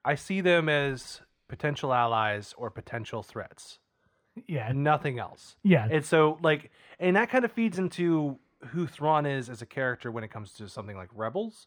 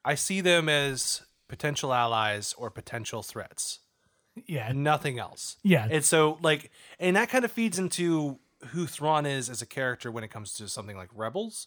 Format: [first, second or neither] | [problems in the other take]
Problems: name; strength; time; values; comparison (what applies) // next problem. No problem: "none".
second | muffled; slightly; fading above 4 kHz